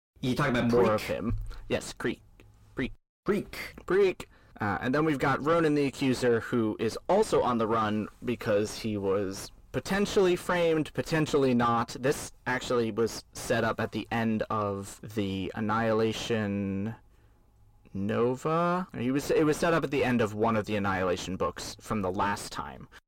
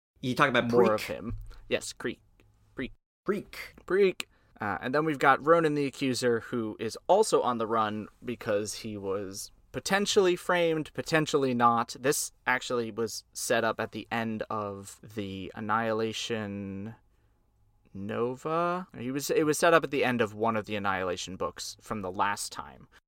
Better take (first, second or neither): second